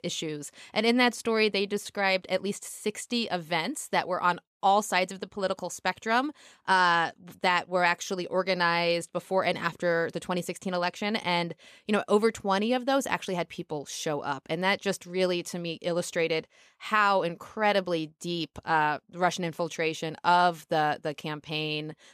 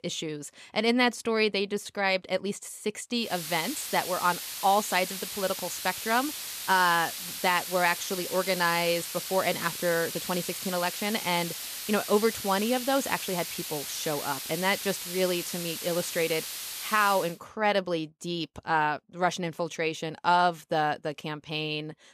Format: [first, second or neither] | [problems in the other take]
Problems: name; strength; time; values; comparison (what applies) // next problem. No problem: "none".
first | hiss; loud; from 3.5 to 17 s; 6 dB below the speech